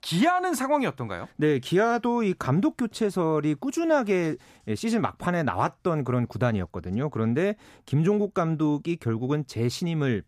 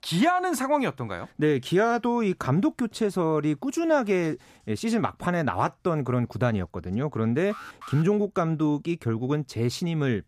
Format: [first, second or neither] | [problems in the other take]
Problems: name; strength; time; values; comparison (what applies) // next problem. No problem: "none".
first | alarm; faint; at 7.5 s; peak 15 dB below the speech